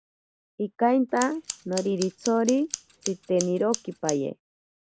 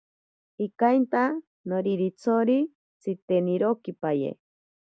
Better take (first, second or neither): second